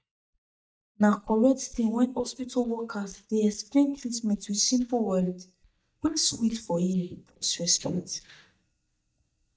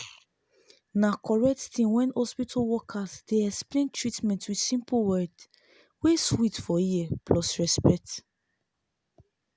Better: second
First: noise reduction (neural mask model DeepFilterNet 3)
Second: none

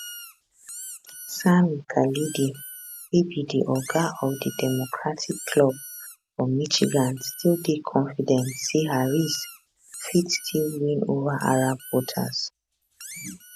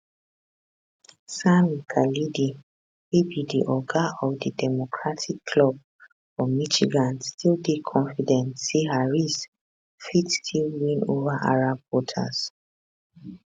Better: second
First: background sound (Squeak); 16 dB below the speech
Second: none

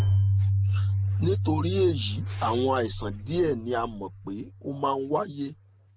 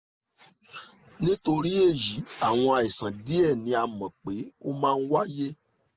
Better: second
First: background sound (Keyboard (musical)); 1 dB above the speech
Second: none

